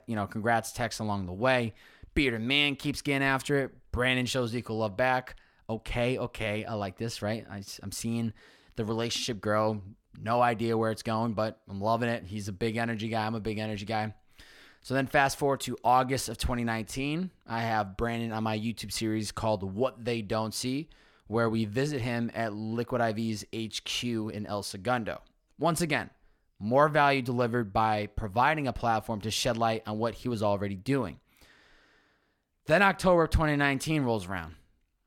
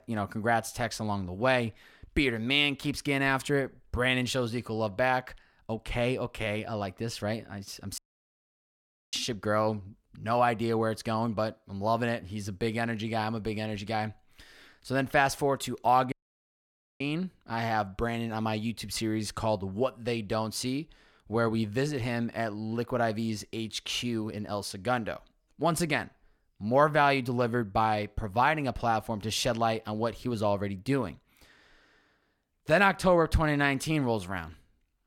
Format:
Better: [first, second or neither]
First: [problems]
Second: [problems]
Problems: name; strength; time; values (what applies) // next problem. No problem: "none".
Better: first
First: none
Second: audio cutting out; at 8 s for 1 s and at 16 s for 1 s